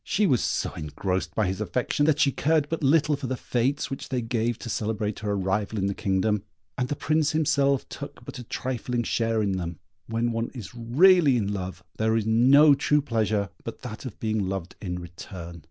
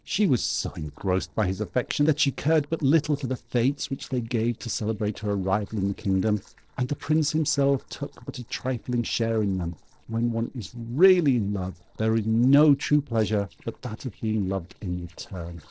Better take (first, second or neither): first